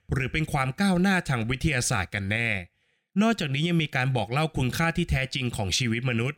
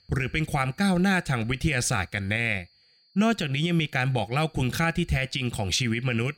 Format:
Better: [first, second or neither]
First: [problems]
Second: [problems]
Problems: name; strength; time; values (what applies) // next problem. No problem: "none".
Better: first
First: none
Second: high-pitched whine; faint; throughout; 4.5 kHz, 35 dB below the speech